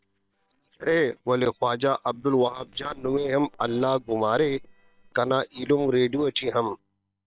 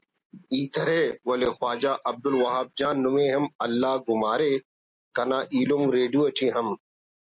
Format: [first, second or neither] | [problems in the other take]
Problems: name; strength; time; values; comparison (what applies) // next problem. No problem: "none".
second | noise reduction (neural separator model SepFormer WHAM!)